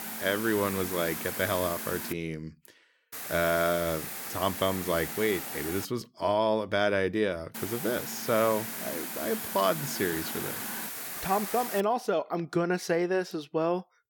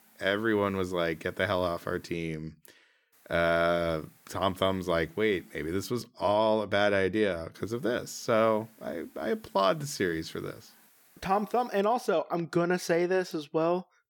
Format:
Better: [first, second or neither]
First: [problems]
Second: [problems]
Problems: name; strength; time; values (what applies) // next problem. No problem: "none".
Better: second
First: hiss; loud; until 2 s, from 3 to 6 s and from 7.5 to 12 s; 5 dB below the speech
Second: hiss; faint; until 2 s, from 3 to 6 s and from 7.5 to 12 s; 30 dB below the speech